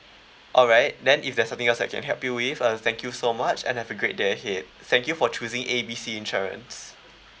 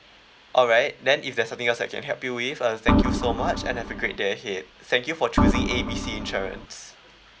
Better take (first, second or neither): first